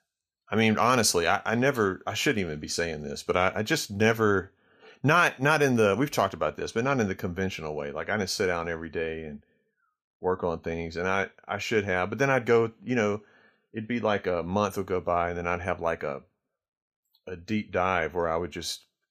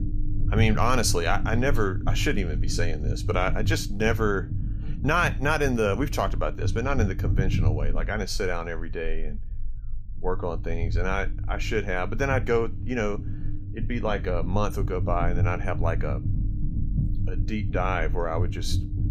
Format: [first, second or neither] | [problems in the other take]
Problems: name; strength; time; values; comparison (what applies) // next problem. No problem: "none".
first | low rumble; noticeable; throughout; 15 dB below the speech